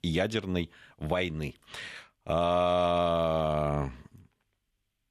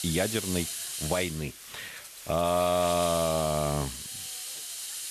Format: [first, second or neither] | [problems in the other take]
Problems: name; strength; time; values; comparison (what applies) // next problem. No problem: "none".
first | hiss; loud; throughout; 6 dB below the speech